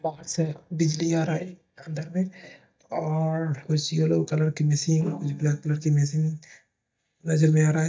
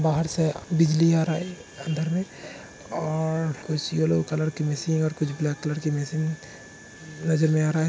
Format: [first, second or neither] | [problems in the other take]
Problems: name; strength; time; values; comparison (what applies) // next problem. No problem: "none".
second | noise reduction (neural mask model DeepFilterNet 3)